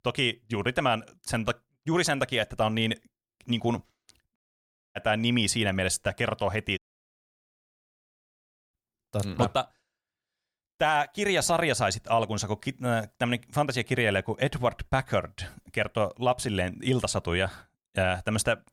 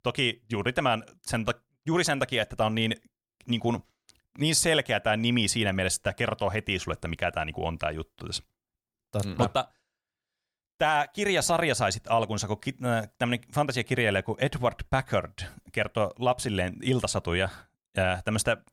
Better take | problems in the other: second | audio cutting out; at 4.5 s for 0.5 s and at 7 s for 2 s

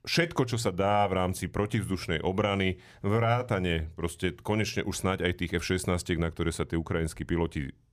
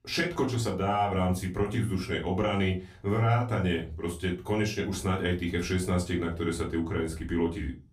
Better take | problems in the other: first | off-mic speech; far // room echo; very slight; dies away in 0.2 s

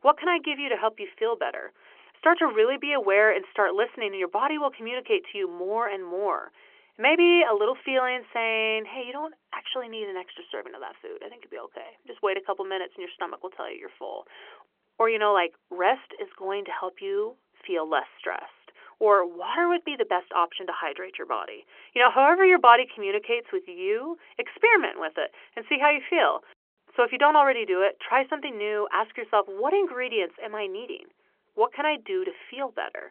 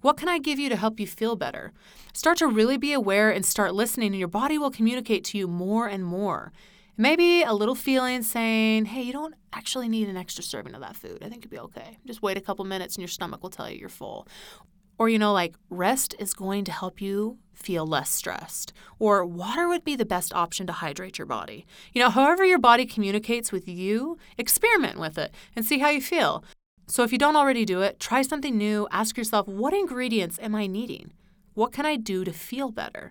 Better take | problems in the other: second | phone-call audio; nothing above 3 kHz

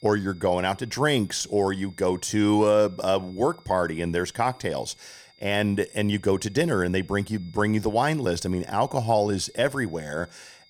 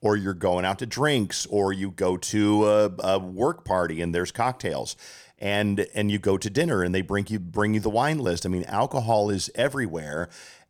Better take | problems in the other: second | high-pitched whine; faint; throughout; 5 kHz, 30 dB below the speech

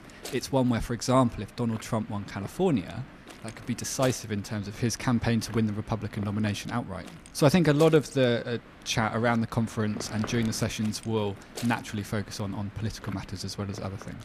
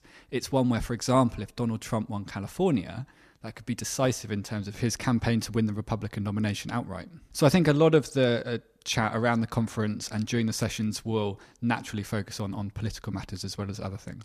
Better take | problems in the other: second | wind noise on the microphone; occasional gusts; 15 dB below the speech

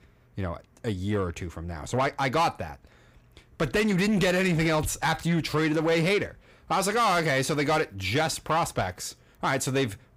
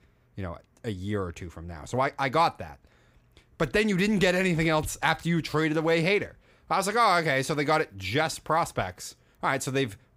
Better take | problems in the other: second | distortion; slight; 10 dB below the speech

